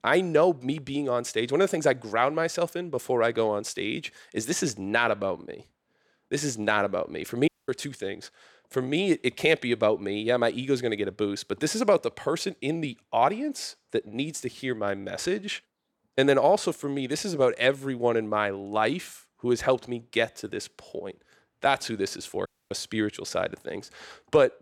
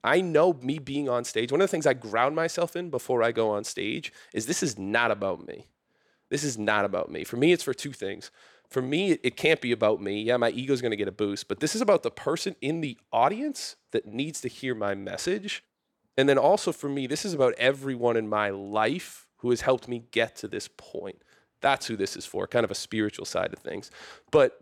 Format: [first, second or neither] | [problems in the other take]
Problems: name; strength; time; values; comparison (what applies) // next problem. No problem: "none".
second | audio cutting out; at 7.5 s and at 22 s